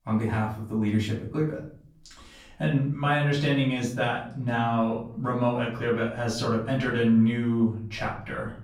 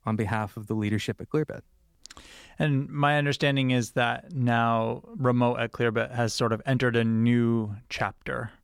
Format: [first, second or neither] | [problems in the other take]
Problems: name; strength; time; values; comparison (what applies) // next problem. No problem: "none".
second | off-mic speech; far // room echo; slight; dies away in 0.5 s